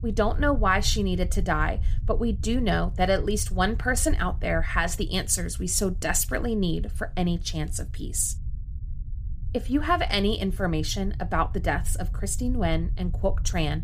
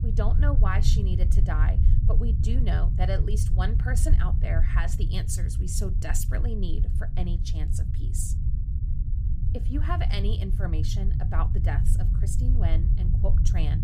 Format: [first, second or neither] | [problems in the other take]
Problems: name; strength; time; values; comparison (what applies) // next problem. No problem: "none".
first | low rumble; loud; throughout; 6 dB below the speech; faint in the first